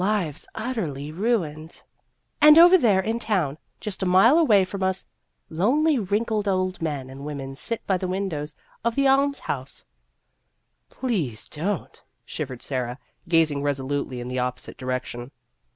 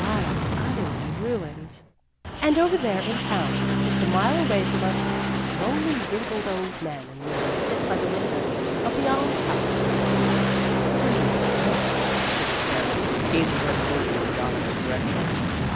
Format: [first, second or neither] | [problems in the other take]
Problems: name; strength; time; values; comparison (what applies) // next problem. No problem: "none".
first | background sound (Bowed string instrument + Aircraft); 5 dB above the speech